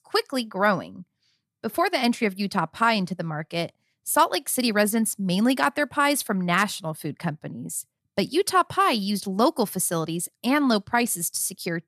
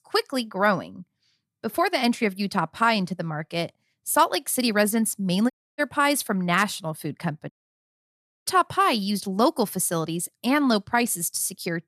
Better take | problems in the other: first | audio cutting out; at 5.5 s and at 7.5 s for 1 s

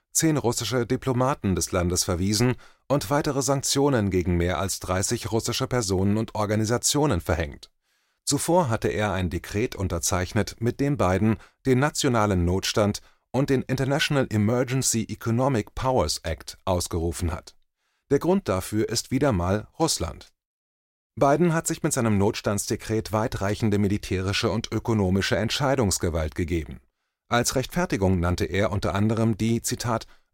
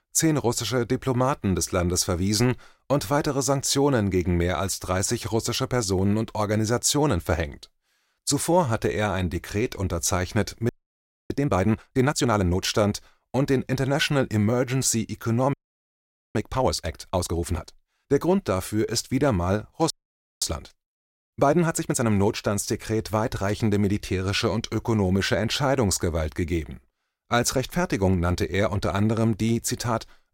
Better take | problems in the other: first | audio freezing; at 11 s for 0.5 s, at 16 s for 1 s and at 20 s for 0.5 s

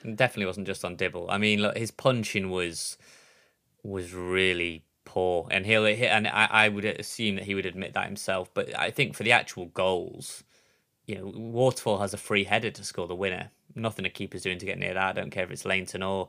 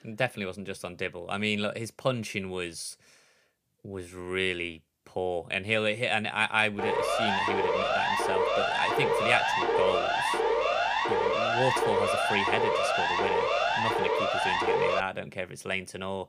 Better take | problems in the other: first | siren; loud; from 7 to 15 s; peak 5 dB above the speech

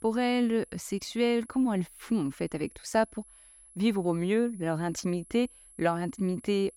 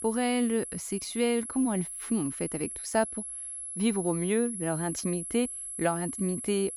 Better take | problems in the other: first | high-pitched whine; loud; throughout; 11 kHz, 6 dB below the speech; faint in the first

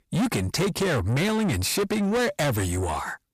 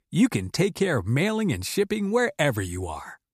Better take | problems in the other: second | distortion; heavy; 6 dB below the speech

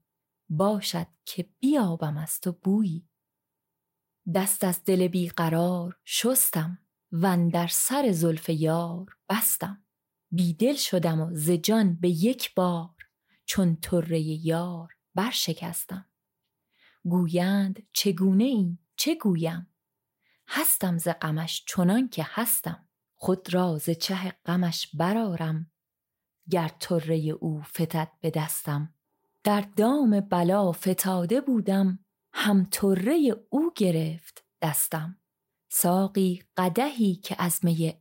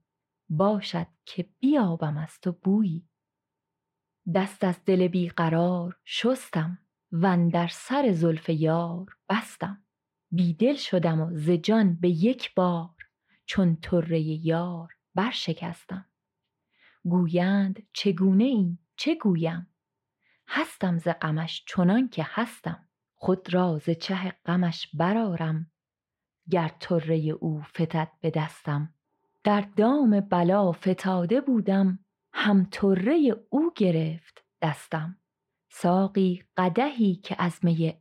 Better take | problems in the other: first | muffled; slightly; fading above 2.5 kHz

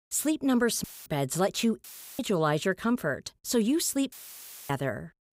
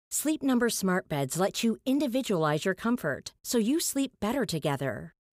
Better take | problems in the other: second | audio cutting out; filled with static; at 1 s, at 2 s and at 4 s for 0.5 s

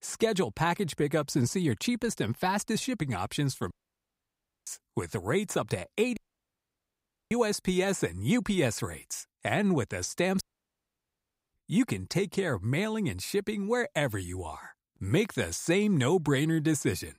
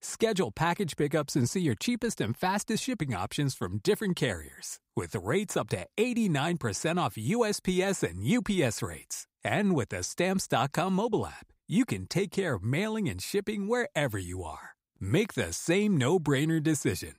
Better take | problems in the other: second | audio cutting out; at 3.5 s for 1 s, at 6 s for 1 s and at 10 s for 1 s

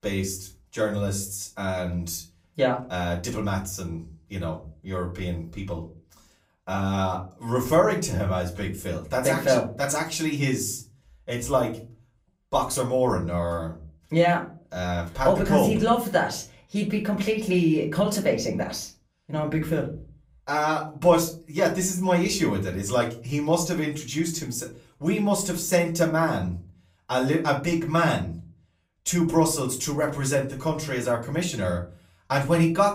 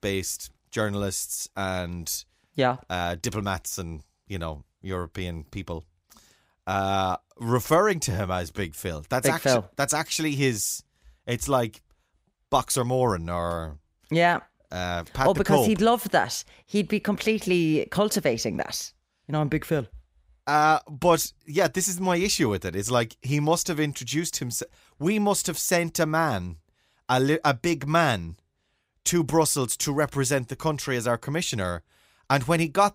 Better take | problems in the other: second | off-mic speech; far // room echo; very slight; dies away in 0.3 s

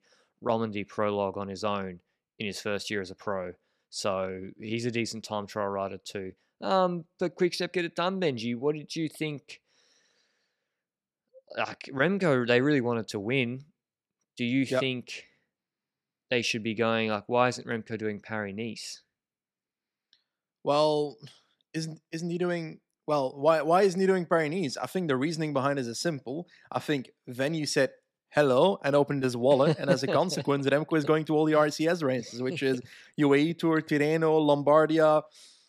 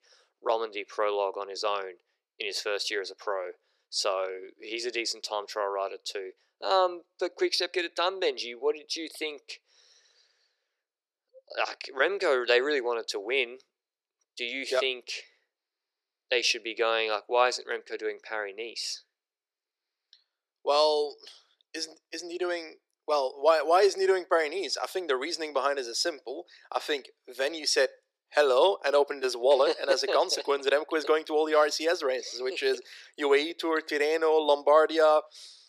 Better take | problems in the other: first | thin; very; fading below 350 Hz

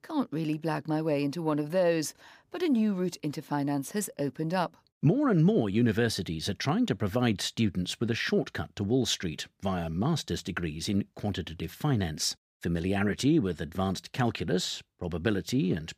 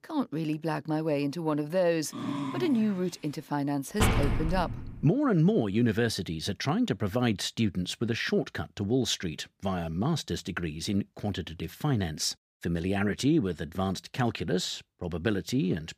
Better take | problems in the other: first | dog barking; noticeable; at 2 s; peak 4 dB below the speech // door banging; loud; at 4 s; peak 3 dB above the speech

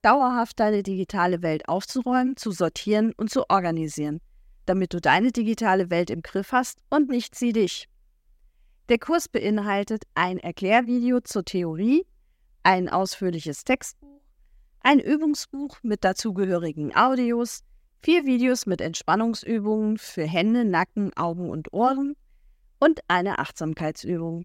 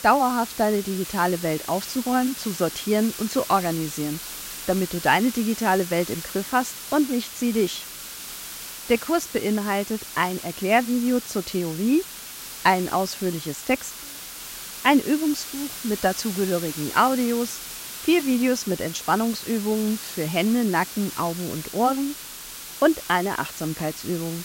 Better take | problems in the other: first | hiss; loud; throughout; 10 dB below the speech

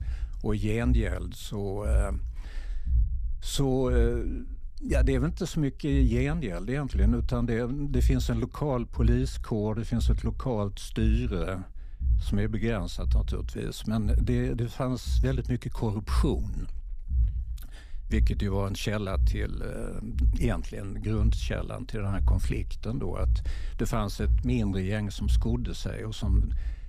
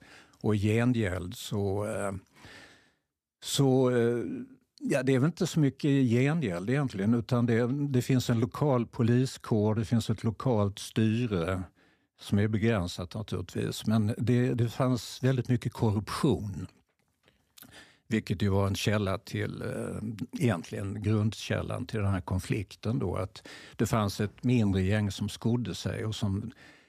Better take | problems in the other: second | low rumble; noticeable; throughout; 15 dB below the speech

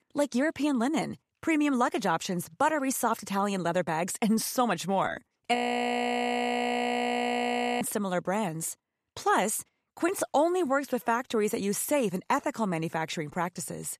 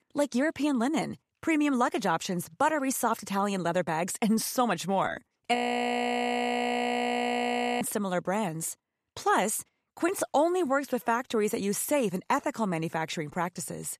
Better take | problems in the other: neither | audio freezing; at 5.5 s for 2.5 s; the same in both

